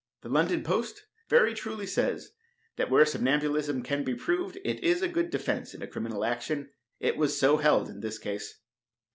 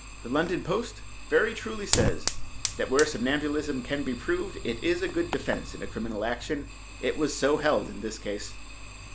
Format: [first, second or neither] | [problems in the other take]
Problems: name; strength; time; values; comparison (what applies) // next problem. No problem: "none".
first | background sound (Fire); 6 dB below the speech